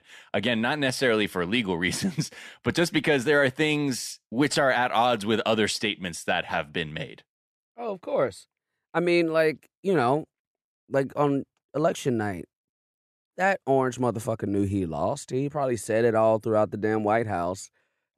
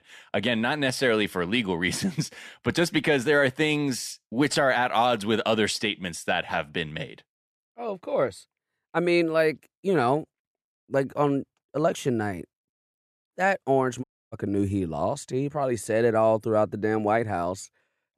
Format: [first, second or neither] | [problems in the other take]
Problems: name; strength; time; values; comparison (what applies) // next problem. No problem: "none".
first | audio cutting out; at 14 s